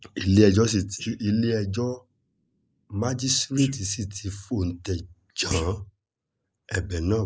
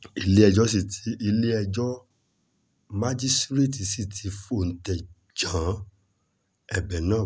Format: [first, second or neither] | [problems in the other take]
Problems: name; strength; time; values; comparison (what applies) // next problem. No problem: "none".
second | noise reduction (neural mask model Resemble Enhance denoiser)